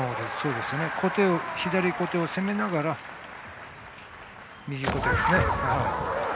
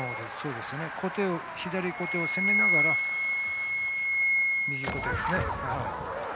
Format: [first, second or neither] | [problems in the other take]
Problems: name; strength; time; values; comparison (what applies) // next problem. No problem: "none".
first | background sound (Wind instrument, woodwind instrument); 3 dB above the speech